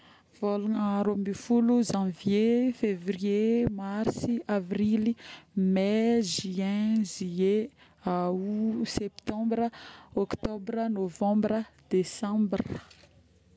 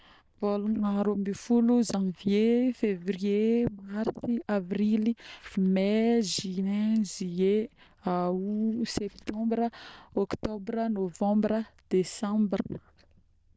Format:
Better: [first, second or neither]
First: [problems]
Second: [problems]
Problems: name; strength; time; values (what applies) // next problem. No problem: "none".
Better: first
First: none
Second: noise reduction (neural diffusion model UNIVERSE++)